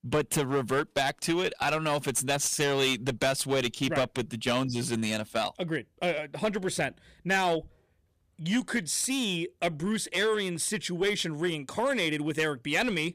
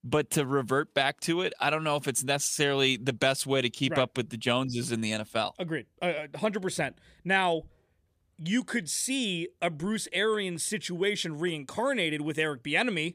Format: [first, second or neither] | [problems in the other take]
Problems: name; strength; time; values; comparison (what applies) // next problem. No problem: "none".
second | distortion; slight; 6% of the sound clipped